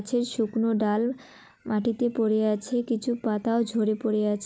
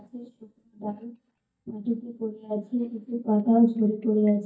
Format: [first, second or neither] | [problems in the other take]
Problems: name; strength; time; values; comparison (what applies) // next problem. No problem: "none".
first | noise reduction (neural mask model DeepFilterNet 3)